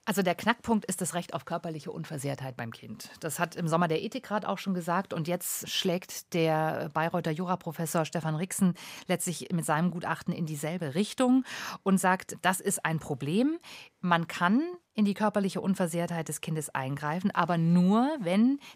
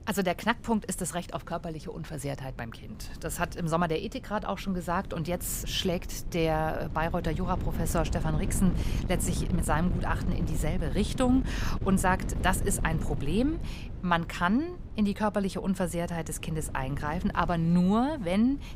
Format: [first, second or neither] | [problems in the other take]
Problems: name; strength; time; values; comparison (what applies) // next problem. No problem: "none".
first | wind noise on the microphone; occasional gusts; 15 dB below the speech